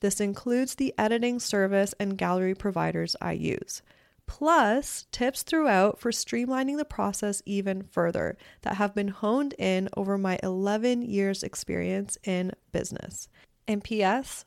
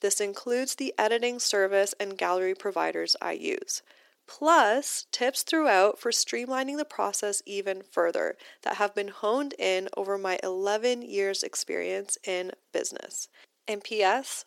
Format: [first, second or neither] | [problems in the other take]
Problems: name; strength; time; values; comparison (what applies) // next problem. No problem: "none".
first | thin; somewhat; fading below 300 Hz